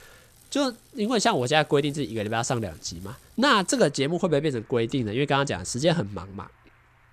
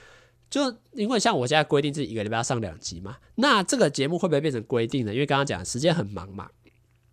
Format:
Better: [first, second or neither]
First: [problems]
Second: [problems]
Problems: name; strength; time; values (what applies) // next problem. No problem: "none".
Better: second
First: traffic noise; faint; throughout; 30 dB below the speech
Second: none